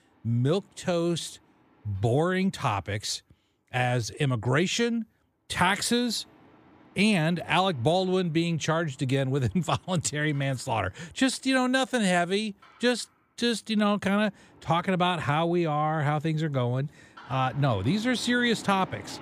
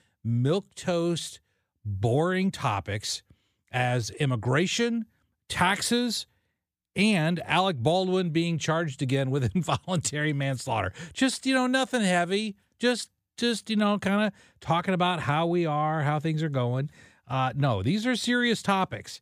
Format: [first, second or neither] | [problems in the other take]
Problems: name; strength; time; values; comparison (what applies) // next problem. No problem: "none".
second | machinery noise; faint; throughout; 25 dB below the speech